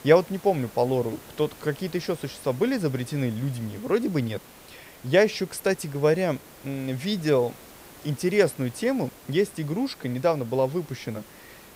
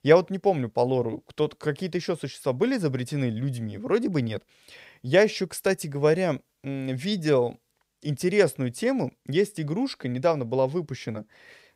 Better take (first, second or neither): second